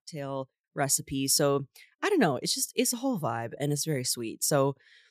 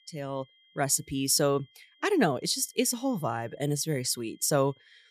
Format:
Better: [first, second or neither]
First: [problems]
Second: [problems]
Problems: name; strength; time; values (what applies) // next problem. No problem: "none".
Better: first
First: none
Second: high-pitched whine; faint; throughout; 3 kHz, 35 dB below the speech